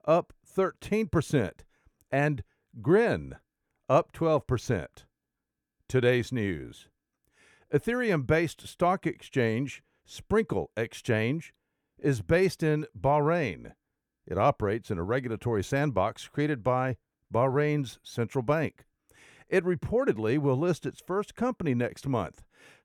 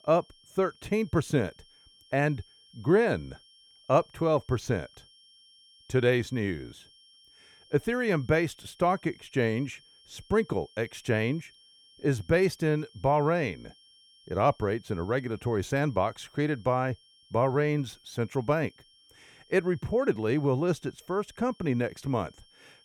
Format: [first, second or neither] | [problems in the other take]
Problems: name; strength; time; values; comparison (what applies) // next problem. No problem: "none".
first | high-pitched whine; faint; throughout; 3 kHz, 30 dB below the speech